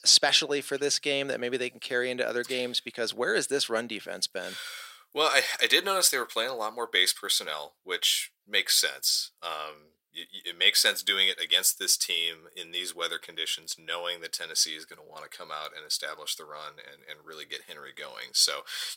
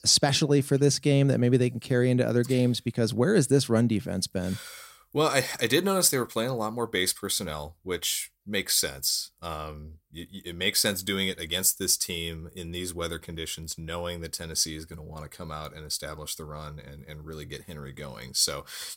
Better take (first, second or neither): second